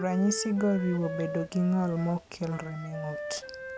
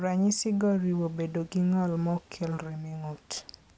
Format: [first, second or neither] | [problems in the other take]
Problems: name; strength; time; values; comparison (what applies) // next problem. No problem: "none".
second | background sound (Wind instrument, woodwind instrument); 10 dB below the speech